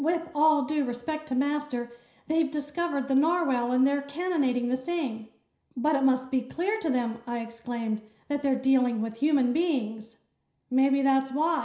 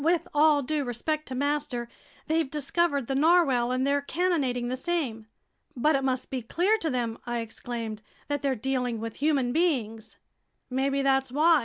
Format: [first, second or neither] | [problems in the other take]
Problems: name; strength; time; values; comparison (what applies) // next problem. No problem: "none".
second | room echo; dies away in 0.5 s